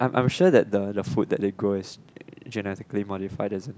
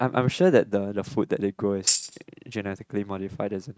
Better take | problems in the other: first | noise reduction (neural mask model RNNoise)

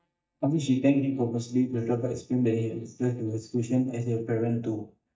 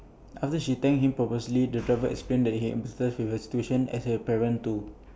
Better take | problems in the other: second | noise reduction (neural mask model DeepFilterNet 3)

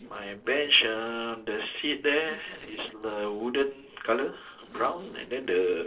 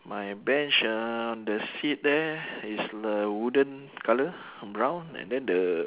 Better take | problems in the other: second | noise reduction (neural separator model SepFormer DNS4)

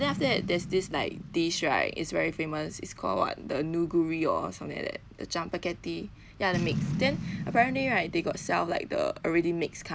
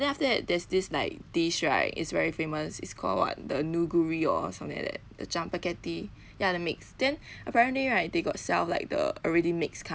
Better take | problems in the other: second | background sound (Boom); 10 dB below the speech

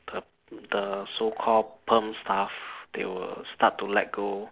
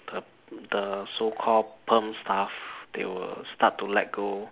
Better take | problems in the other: second | noise reduction (neural separator model SepFormer DNS4)

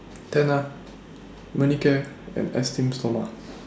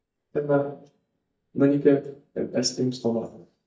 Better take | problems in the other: first | noise reduction (neural mask model DeepFilterNet 3)

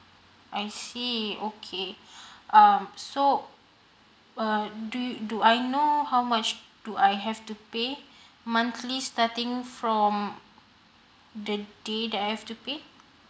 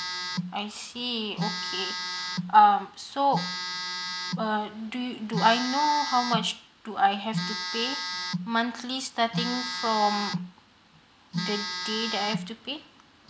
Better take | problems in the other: first | background sound (Telephone); 6 dB below the speech

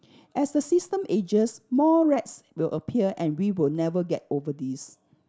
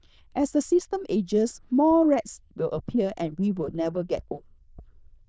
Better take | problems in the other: first | noise reduction (neural diffusion model UNIVERSE++)

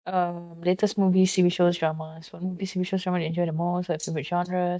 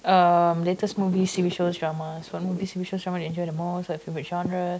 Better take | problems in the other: second | noise reduction (neural mask model DeepFilterNet 3)

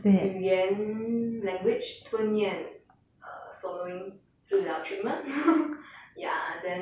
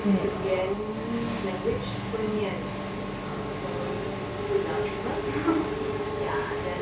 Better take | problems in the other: first | background sound (Engine / Mechanisms); as loud as the speech

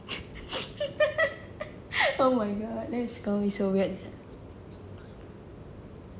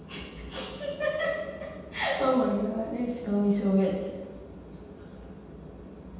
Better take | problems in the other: first | room echo; dies away in 1.2 s

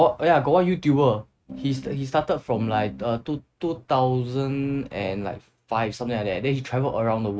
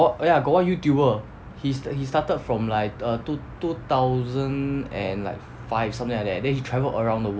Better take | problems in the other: second | noise reduction (neural mask model RNNoise)

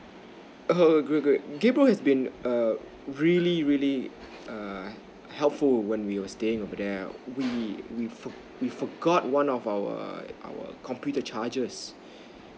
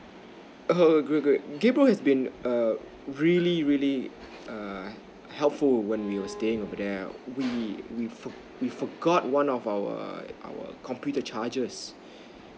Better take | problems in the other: first | background sound (Bowed string instrument); 19 dB below the speech

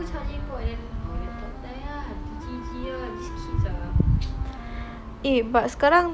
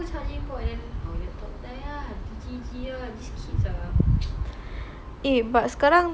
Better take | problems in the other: second | background sound (Wind instrument, woodwind instrument); 16 dB below the speech

